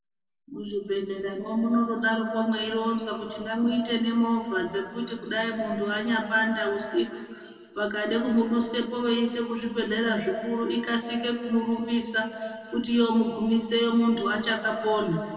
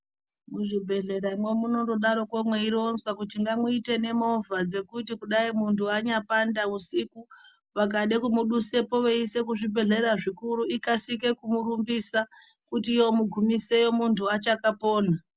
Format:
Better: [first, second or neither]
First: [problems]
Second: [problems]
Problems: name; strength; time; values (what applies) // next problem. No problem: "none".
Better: second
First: room echo; dies away in 2.2 s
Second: none